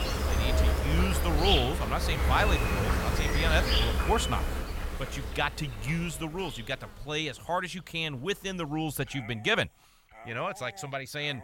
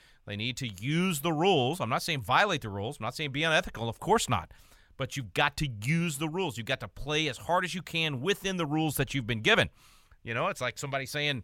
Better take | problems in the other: second | animal sounds; very loud; throughout; 3 dB above the speech

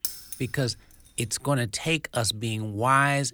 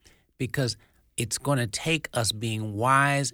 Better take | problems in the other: second | jangling keys; noticeable; at the start; peak 5 dB below the speech

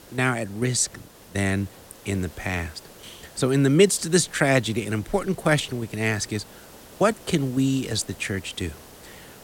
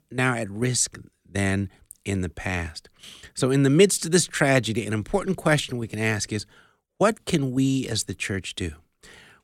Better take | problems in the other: second | hiss; faint; throughout; 20 dB below the speech

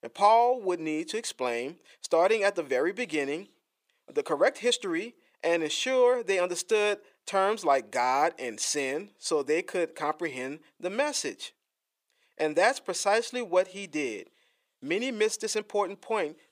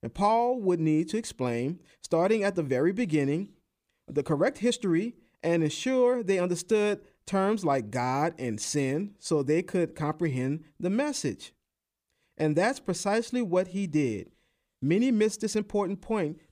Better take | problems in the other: second | thin; very; fading below 600 Hz

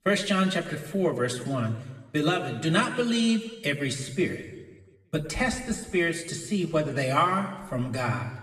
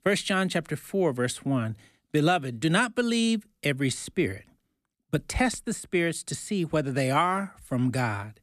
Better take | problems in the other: second | room echo; slight; dies away in 1.2 s // off-mic speech; somewhat distant

